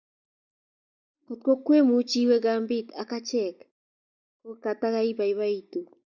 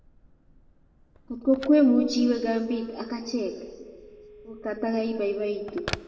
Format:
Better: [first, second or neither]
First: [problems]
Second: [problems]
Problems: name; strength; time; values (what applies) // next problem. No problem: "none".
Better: first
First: none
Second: background sound (Telephone); 17 dB below the speech // room echo; dies away in 1.9 s